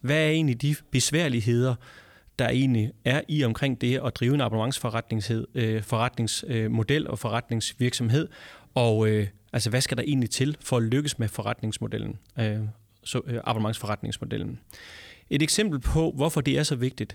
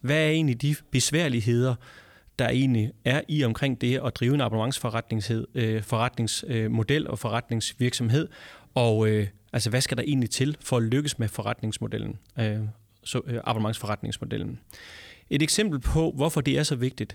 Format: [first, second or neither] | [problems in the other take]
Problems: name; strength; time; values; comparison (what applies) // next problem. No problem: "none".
neither | none